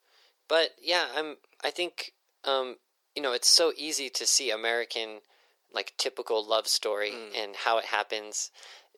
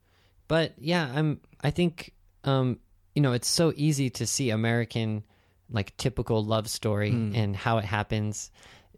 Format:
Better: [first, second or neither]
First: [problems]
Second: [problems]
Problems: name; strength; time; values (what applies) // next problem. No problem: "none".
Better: second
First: thin; very; fading below 400 Hz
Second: none